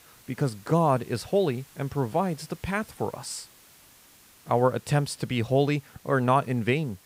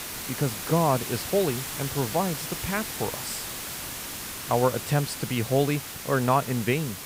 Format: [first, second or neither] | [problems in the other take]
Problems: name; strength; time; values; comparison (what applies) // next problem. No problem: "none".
first | hiss; loud; throughout; 6 dB below the speech; faint in the first